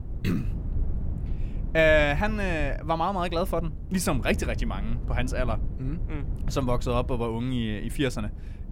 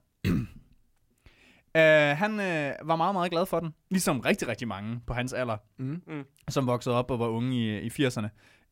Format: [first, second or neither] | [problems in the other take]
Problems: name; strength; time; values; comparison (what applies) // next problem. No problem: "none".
second | low rumble; faint; throughout; 20 dB below the speech